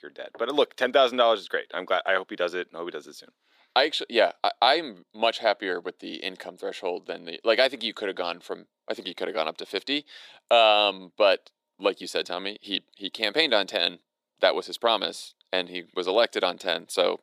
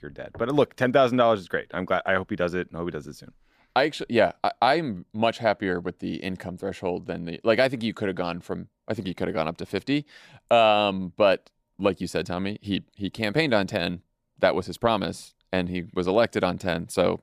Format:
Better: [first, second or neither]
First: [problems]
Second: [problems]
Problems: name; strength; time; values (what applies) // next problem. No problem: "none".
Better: second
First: thin; somewhat; fading below 350 Hz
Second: none